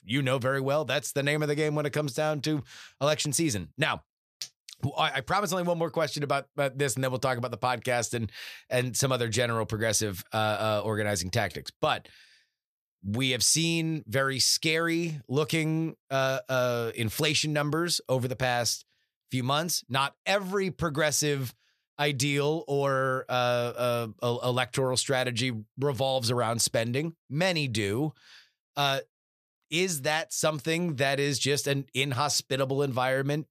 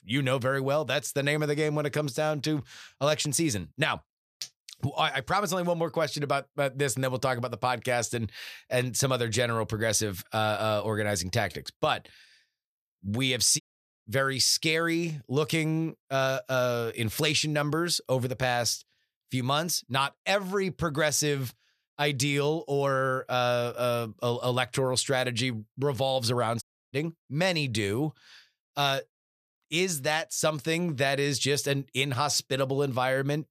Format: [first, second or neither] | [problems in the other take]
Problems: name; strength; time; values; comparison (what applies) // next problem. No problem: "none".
first | audio cutting out; at 14 s and at 27 s